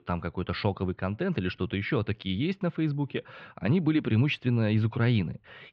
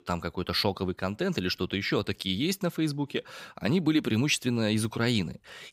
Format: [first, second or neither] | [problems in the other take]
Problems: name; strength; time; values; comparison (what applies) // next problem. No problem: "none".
second | muffled; slightly; fading above 3 kHz